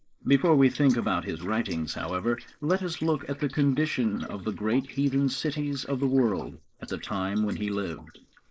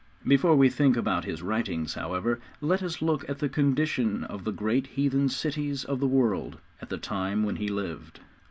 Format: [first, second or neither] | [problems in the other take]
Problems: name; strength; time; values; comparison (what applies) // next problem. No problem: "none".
second | noise reduction (neural mask model Resemble Enhance denoiser)